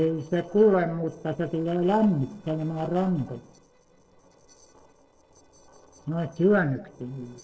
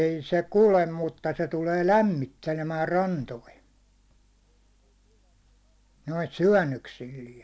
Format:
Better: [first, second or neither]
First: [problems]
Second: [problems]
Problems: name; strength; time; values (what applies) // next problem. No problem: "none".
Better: second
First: noise reduction (neural separator model SepFormer DNS4)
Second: none